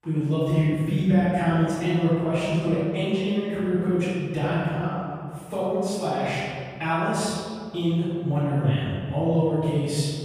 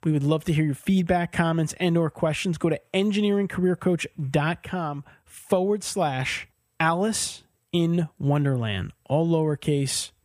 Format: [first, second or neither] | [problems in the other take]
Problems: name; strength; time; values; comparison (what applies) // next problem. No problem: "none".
second | off-mic speech; far // room echo; strong; dies away in 2 s